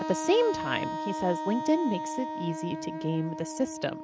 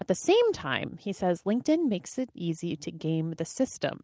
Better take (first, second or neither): second